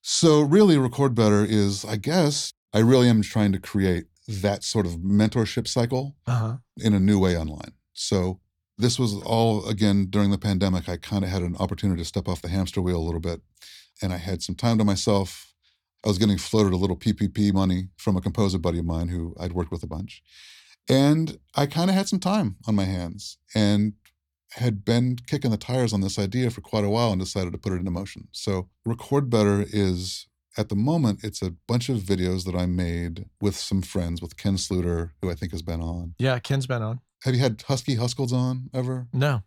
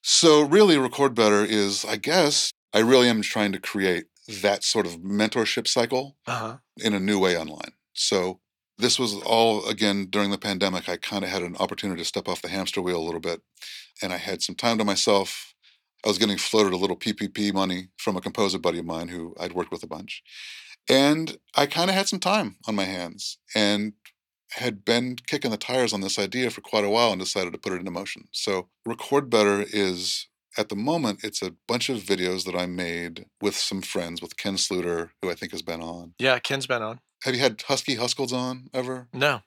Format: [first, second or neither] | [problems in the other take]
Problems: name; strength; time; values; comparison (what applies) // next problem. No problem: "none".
first | thin; somewhat; fading below 350 Hz